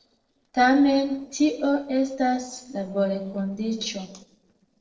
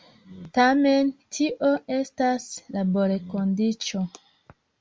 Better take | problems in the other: second | noise reduction (neural separator model SepFormer DNS4)

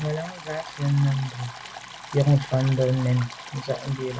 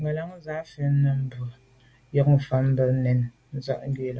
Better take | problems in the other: second | background sound (Stream); 14 dB below the speech

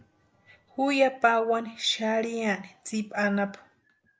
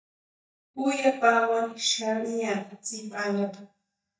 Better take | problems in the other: first | noise reduction (neural mask model DeepFilterNet 3)

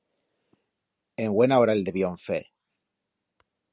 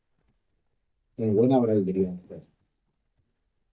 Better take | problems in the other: first | noise reduction (neural mask model DeepFilterNet 3)

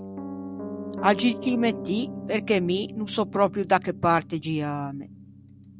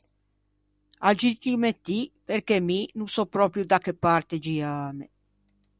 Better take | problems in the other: second | background sound (Piano); 10 dB below the speech

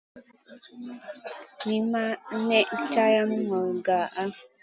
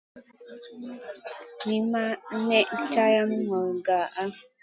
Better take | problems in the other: first | noise reduction (classical method log-MMSE)

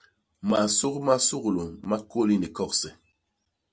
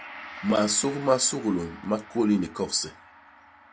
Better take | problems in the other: first | background sound (Gong); 18 dB below the speech

